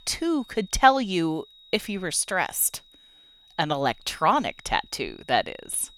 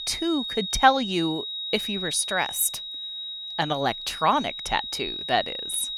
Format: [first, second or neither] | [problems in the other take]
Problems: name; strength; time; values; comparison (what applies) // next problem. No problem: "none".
first | high-pitched whine; loud; throughout; 4 kHz, 6 dB below the speech; faint in the first